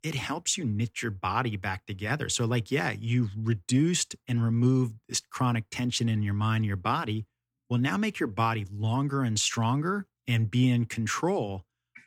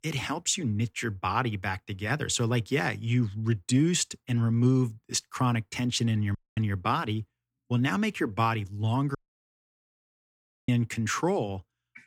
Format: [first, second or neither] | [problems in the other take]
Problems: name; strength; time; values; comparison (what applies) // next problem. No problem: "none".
first | audio cutting out; at 6.5 s and at 9 s for 1.5 s